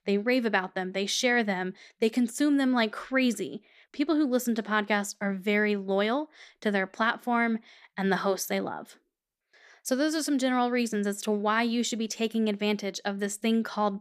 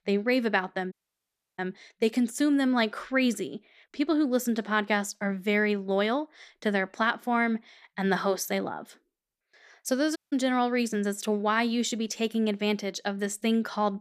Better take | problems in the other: first | audio cutting out; at 1 s for 0.5 s and at 10 s

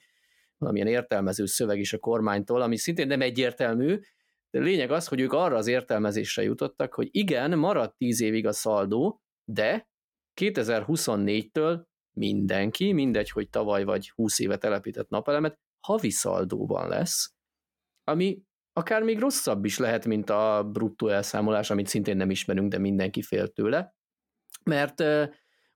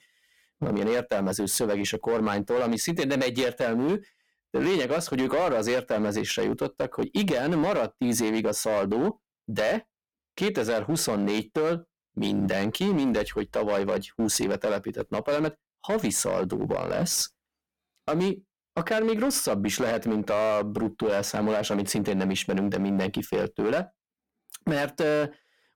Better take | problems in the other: first | distortion; slight; 11% of the sound clipped

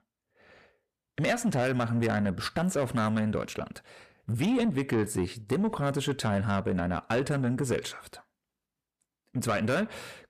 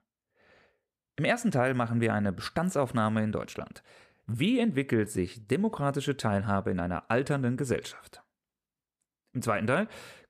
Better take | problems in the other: second | distortion; slight; 10 dB below the speech

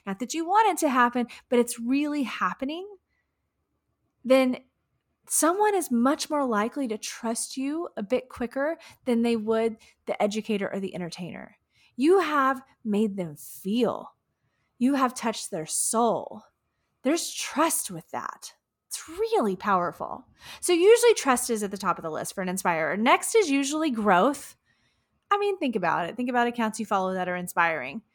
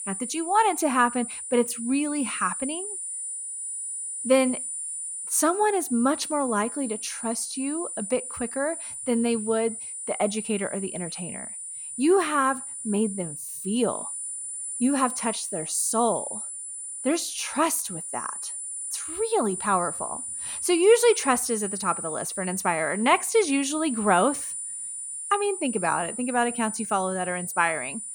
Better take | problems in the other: first | high-pitched whine; loud; throughout; 9.5 kHz, 6 dB below the speech

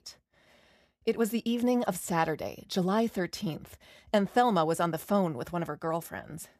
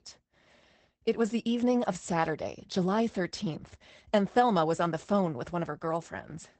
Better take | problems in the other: first | garbled, watery; badly; nothing above 8 kHz

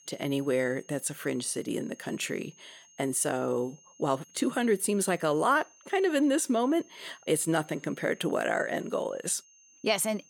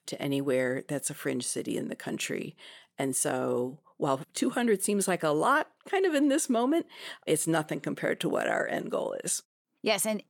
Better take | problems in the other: second | high-pitched whine; faint; throughout; 6.5 kHz, 25 dB below the speech

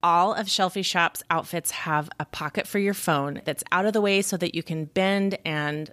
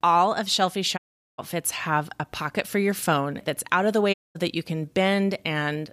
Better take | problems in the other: first | audio cutting out; at 1 s and at 4 s

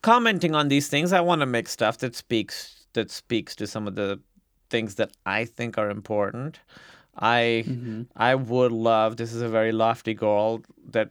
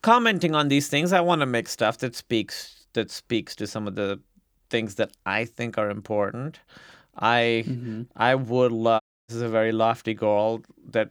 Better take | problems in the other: first | audio cutting out; at 9 s

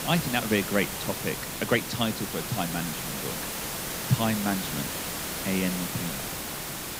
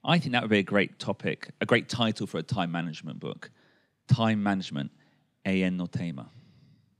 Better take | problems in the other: second | hiss; loud; throughout; 2 dB below the speech

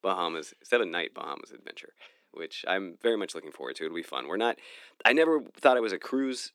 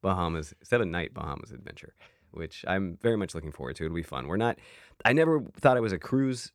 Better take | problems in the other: second | thin; very slightly; fading below 250 Hz

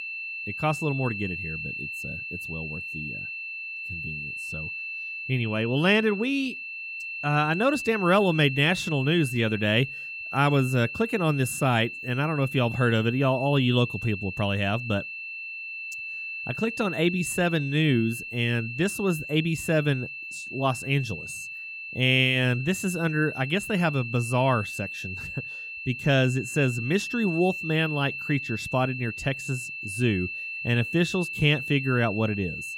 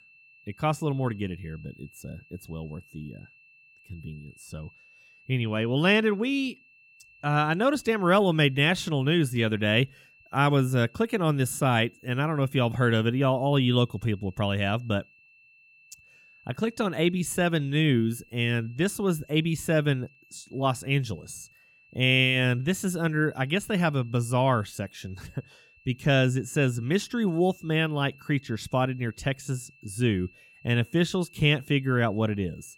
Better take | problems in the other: second | high-pitched whine; loud; throughout; 2.5 kHz, 8 dB below the speech; faint in the second

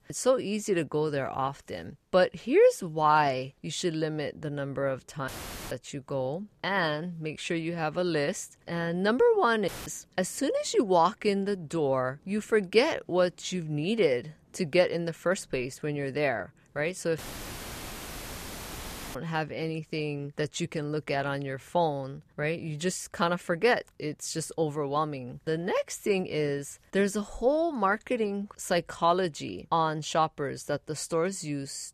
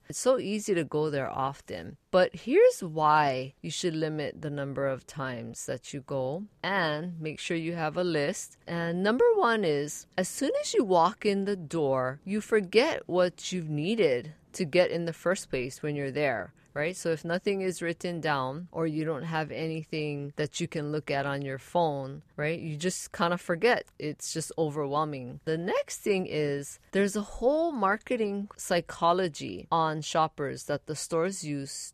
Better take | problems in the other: second | audio cutting out; filled with static; at 5.5 s, at 9.5 s and at 17 s for 2 s

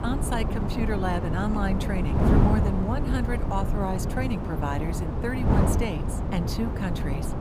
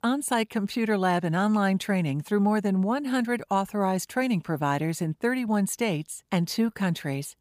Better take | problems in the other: second | wind noise on the microphone; heavy; 1 dB below the speech

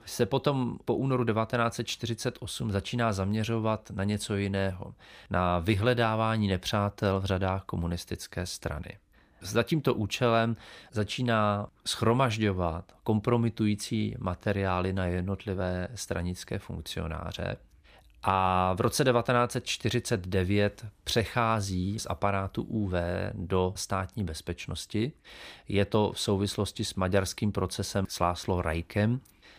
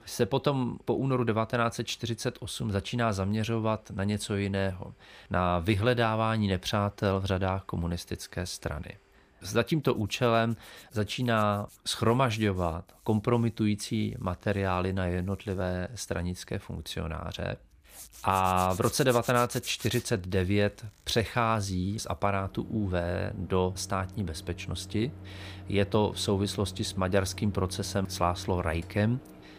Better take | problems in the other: first | household noises; noticeable; throughout; 15 dB below the speech

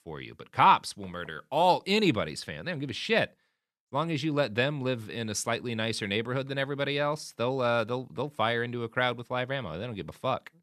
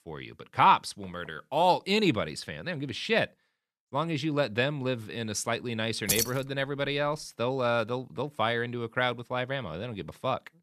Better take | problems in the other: first | jangling keys; loud; at 6 s; peak 1 dB above the speech

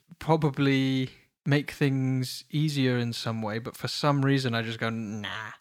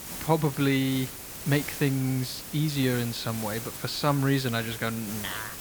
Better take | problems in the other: first | hiss; loud; throughout; 9 dB below the speech

